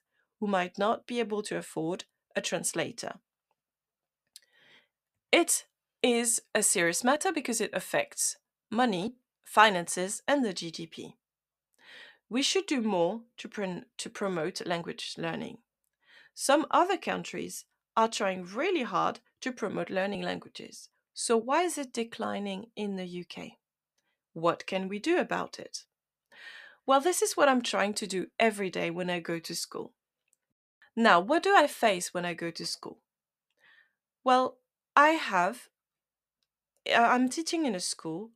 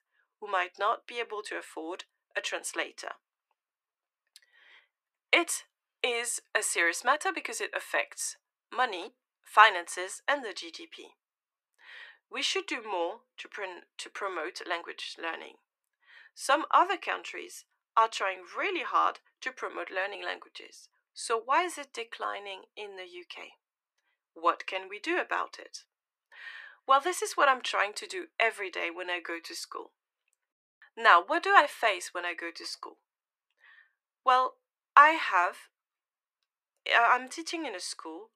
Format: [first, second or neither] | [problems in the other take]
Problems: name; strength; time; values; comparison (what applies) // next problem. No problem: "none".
first | thin; very; fading below 350 Hz